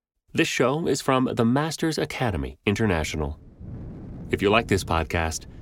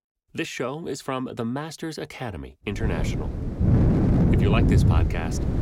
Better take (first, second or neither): first